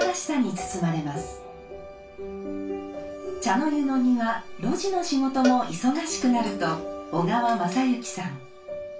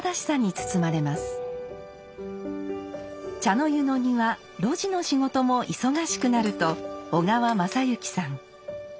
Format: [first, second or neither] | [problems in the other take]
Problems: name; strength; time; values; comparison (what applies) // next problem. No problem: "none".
second | background sound (Cowbell); 13 dB below the speech // room echo; dies away in 0.2 s